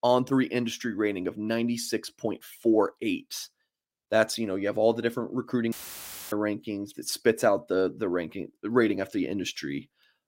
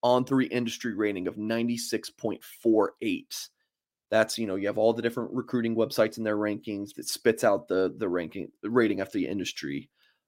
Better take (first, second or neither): second